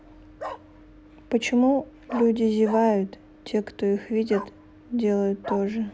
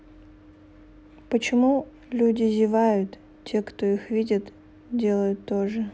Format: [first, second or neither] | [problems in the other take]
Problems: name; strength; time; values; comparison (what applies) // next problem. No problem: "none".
second | background sound (Bark); 16 dB below the speech